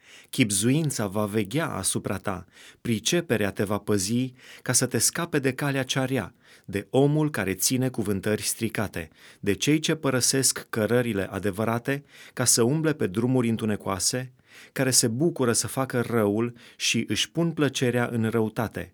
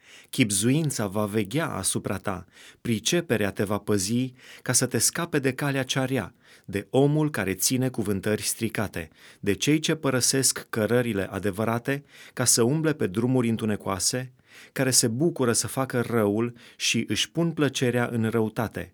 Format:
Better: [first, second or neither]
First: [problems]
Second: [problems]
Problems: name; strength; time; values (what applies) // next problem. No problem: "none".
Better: neither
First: none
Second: none